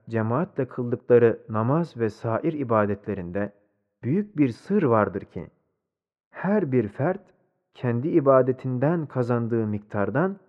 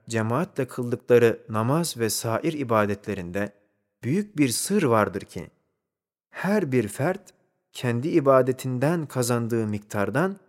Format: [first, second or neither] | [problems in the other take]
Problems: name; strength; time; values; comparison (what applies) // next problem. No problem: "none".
second | muffled; very; fading above 1.5 kHz